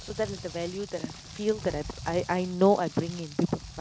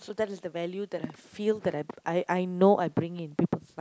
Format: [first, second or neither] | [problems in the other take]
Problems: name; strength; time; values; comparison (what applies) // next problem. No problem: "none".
second | background sound (Rain); 13 dB below the speech